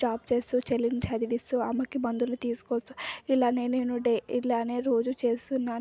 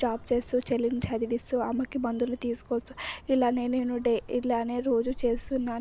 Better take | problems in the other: first | background sound (Bird); 17 dB below the speech

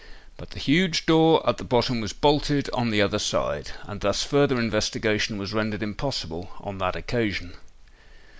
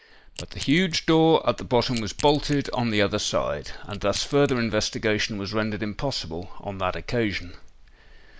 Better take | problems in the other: first | noise reduction (neural mask model DeepFilterNet 3)

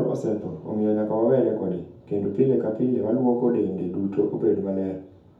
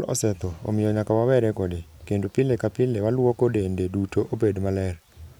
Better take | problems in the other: second | room echo; dies away in 0.6 s

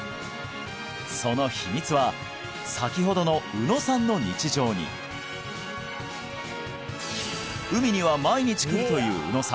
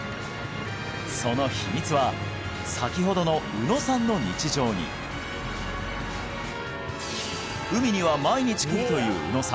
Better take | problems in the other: first | background sound (Church bell / Traffic noise, roadway noise); 8 dB below the speech

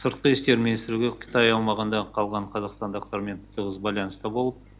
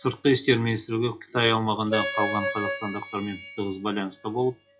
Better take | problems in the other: first | noise reduction (classical method WPE with log-MMSE)

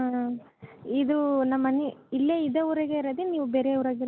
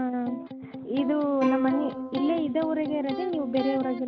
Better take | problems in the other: first | background sound (Electric guitar + Plucked string instrument); 6 dB below the speech

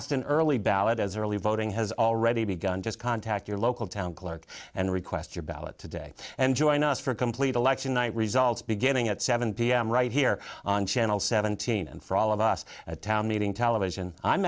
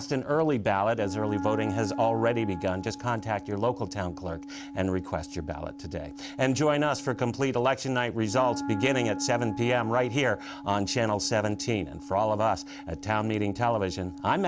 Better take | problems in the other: first | background sound (Wind instrument, woodwind instrument); 11 dB below the speech

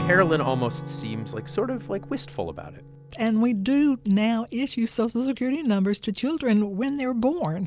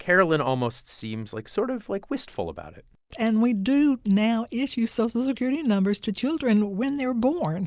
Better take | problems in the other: second | background sound (Acoustic guitar / Strum); 13 dB below the speech

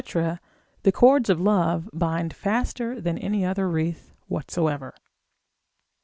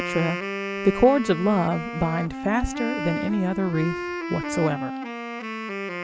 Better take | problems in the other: first | background sound (Wind instrument, woodwind instrument); 6 dB below the speech

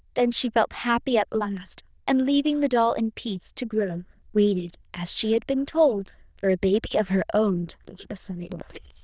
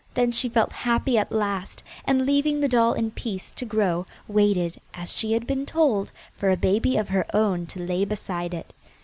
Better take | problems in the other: second | noise reduction (neural diffusion model UNIVERSE++)

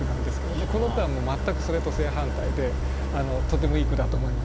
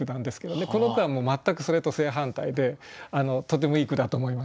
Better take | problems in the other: second | background sound (Idling); 4 dB above the speech

